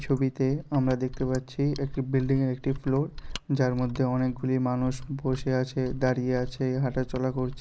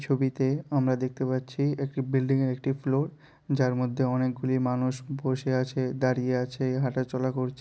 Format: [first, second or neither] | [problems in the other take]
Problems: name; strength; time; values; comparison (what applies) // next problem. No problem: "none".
second | noise reduction (neural mask model Resemble Enhance denoiser)